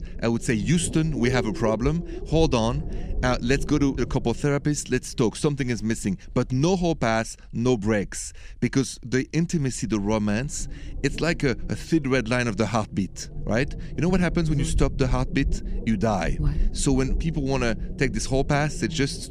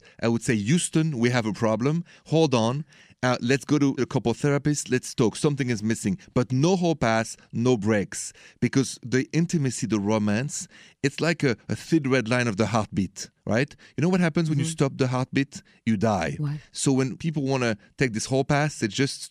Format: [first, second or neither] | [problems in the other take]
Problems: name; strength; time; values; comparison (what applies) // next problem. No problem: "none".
second | low rumble; noticeable; throughout; 15 dB below the speech